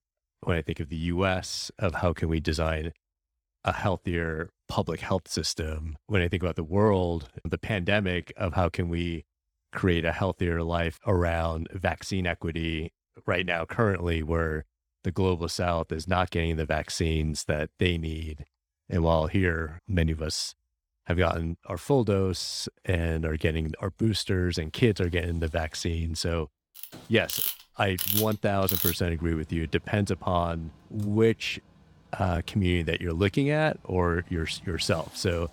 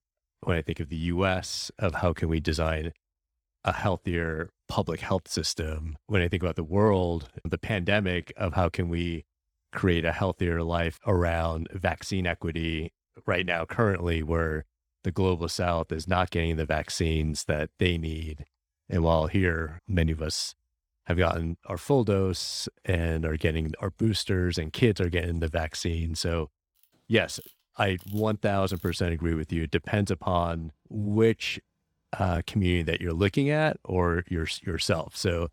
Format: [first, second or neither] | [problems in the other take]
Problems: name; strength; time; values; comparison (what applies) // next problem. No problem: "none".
second | machinery noise; loud; from 25 s on; 2 dB below the speech; faint in the second